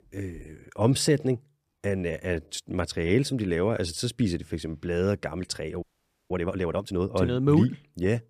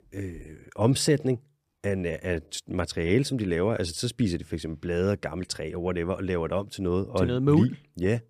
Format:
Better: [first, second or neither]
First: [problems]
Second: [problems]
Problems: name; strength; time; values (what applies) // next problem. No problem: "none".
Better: second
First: audio freezing; at 6 s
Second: none